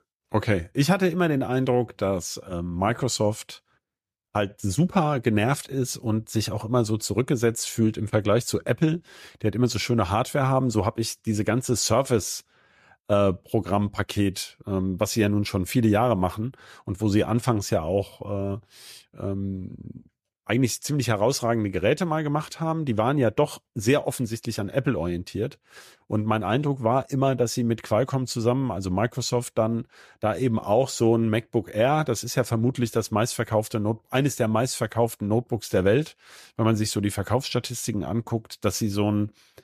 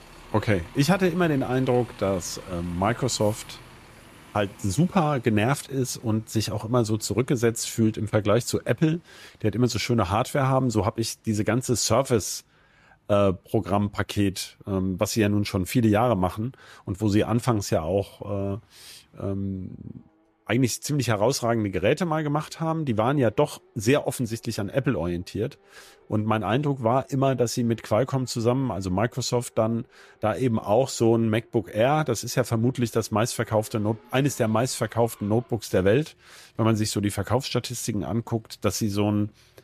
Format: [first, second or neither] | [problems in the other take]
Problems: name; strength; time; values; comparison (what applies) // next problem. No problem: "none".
first | traffic noise; faint; throughout; 25 dB below the speech